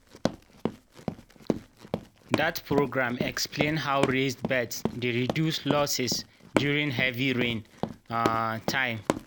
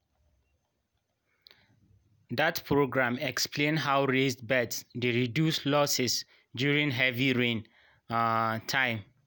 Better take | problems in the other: second | background sound (Run); 4 dB below the speech

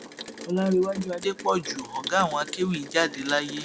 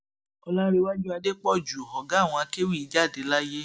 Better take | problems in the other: second | background sound (Rain); 13 dB below the speech

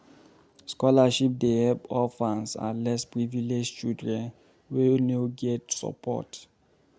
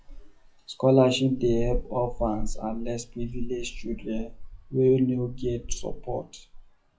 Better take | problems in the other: first | noise reduction (classical method WPE with log-MMSE)

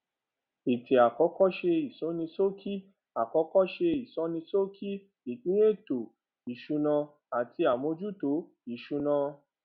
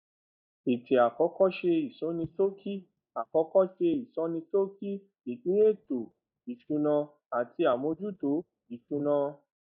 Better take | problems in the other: first | noise reduction (neural mask model DeepFilterNet 3)

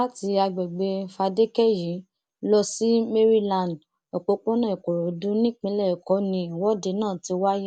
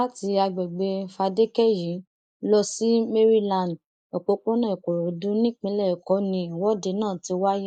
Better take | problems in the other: first | noise reduction (neural mask model Resemble Enhance denoiser)

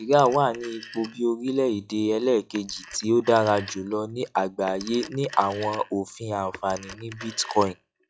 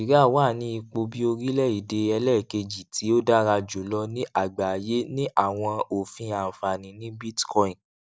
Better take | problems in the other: second | noise reduction (classical method log-MMSE)

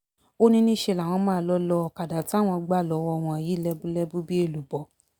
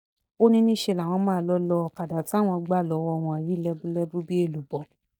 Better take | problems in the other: first | noise reduction (neural mask model DeepFilterNet 3)

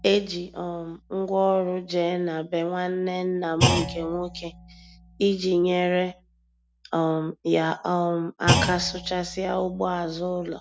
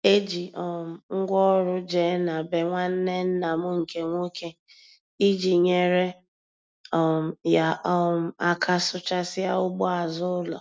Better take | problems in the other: second | background sound (Thump, thud); 6 dB below the speech

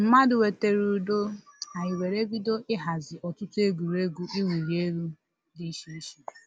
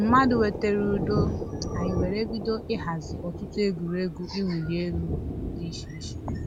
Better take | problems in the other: first | background sound (Thunder); 4 dB below the speech

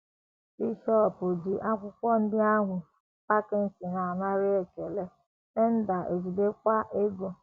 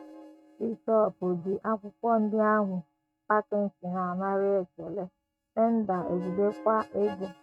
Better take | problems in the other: first | noise reduction (neural mask model RNNoise)

